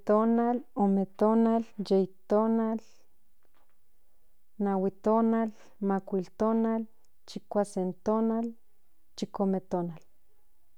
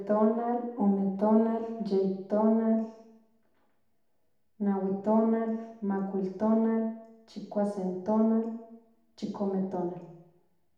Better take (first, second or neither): first